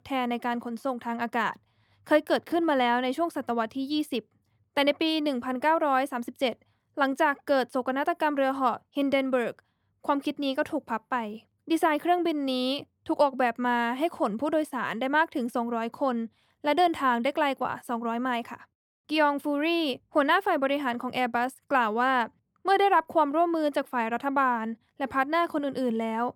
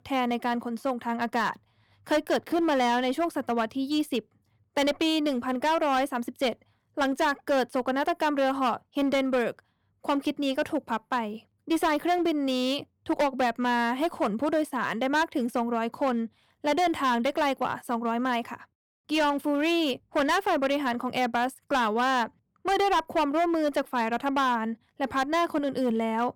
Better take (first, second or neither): first